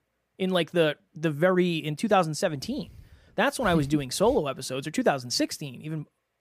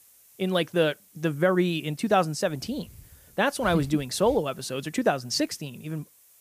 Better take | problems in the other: first | hiss; faint; throughout; 25 dB below the speech

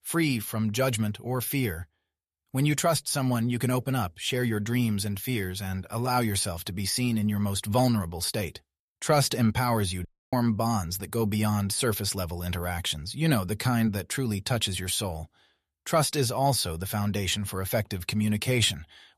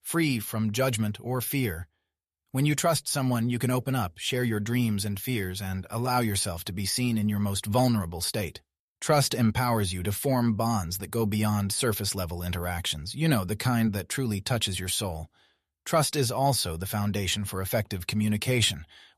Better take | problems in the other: second | audio cutting out; at 10 s

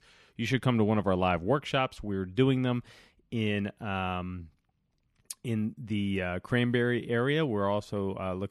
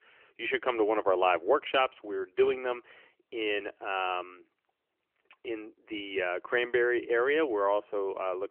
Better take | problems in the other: first | phone-call audio; nothing above 3 kHz

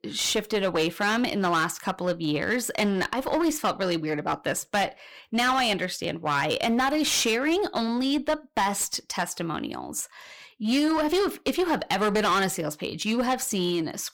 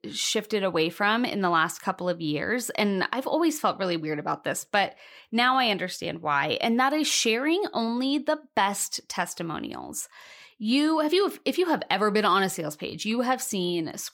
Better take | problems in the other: second | distortion; slight; 12% of the sound clipped

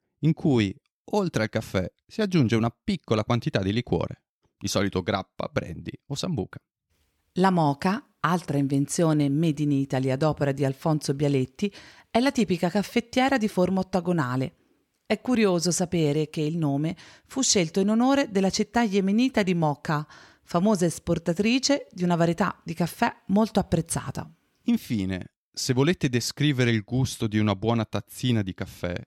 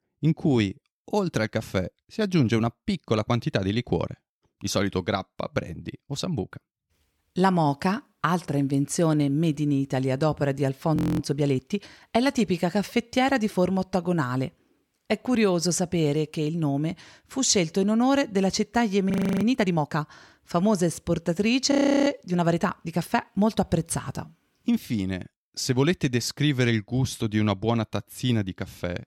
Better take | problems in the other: first | audio freezing; at 11 s, at 19 s and at 22 s

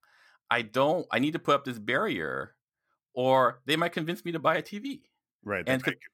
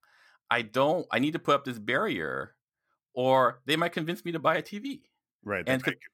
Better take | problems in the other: neither | none

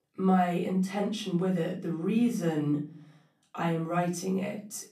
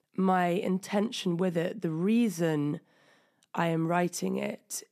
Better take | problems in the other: second | off-mic speech; far // room echo; slight; dies away in 0.3 s

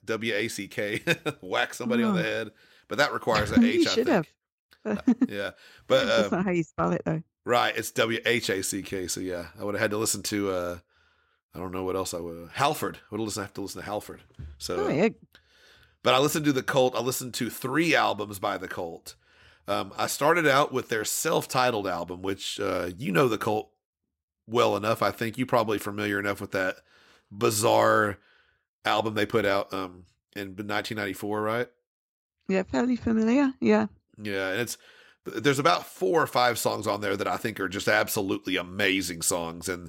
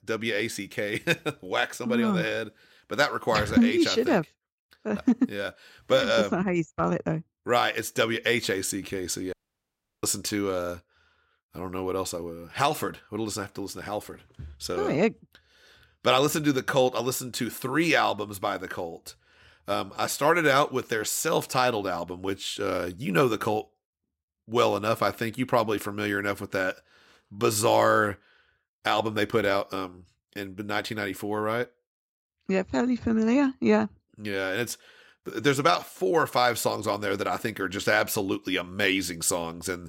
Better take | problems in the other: first | audio cutting out; at 9.5 s for 0.5 s

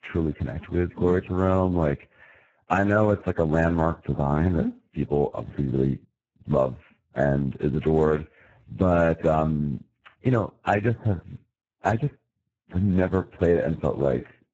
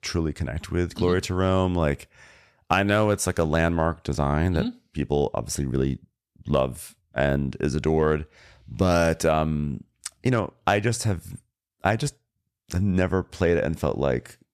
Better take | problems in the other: second | garbled, watery; badly; nothing above 7.5 kHz

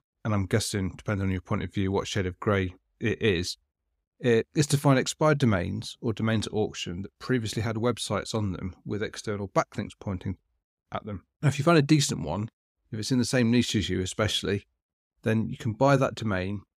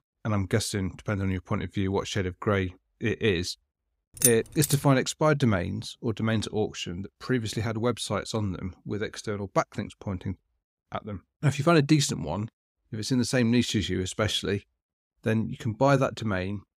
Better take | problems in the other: first | jangling keys; loud; at 4 s; peak 4 dB above the speech

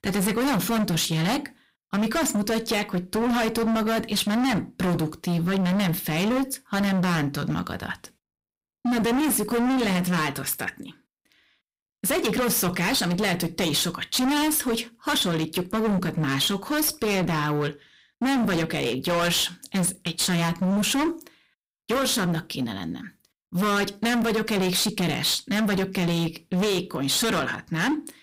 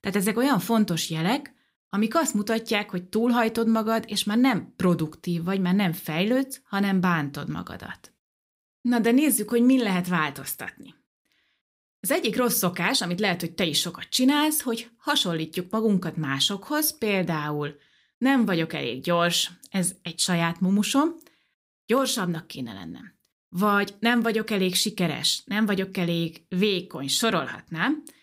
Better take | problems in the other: second | distortion; heavy; 27% of the sound clipped

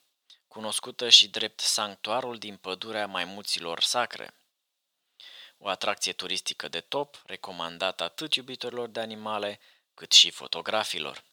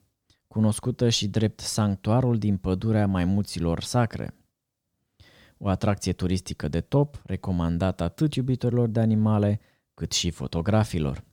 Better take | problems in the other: second | thin; very; fading below 750 Hz

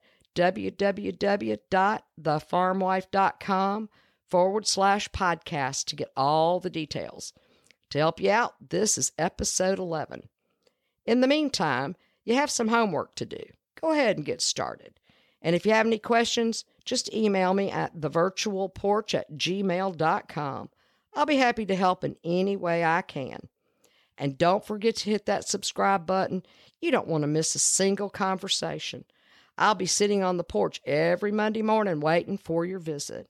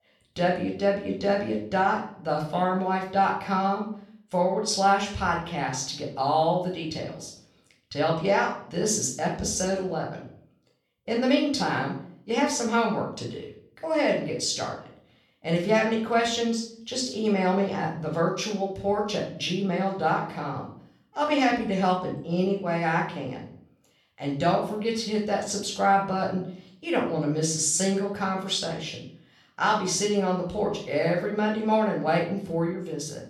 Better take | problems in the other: first | room echo; noticeable; dies away in 0.5 s // off-mic speech; far

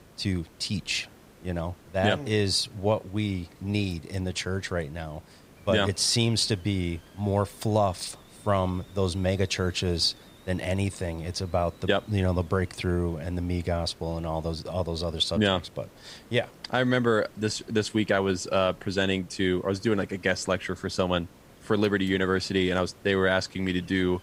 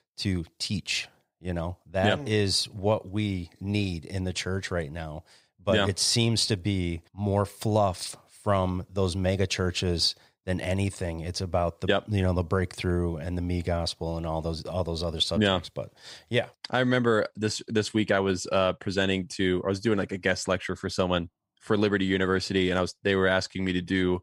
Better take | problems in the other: second | hiss; faint; throughout; 25 dB below the speech

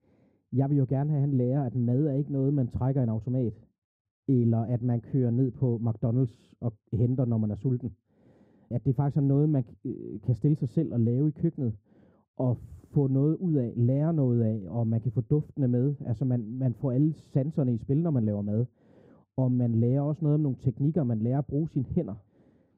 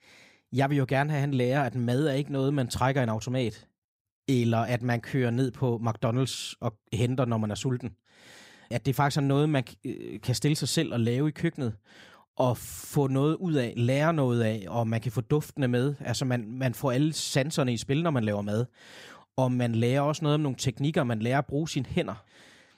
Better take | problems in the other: second | muffled; very; fading above 1 kHz

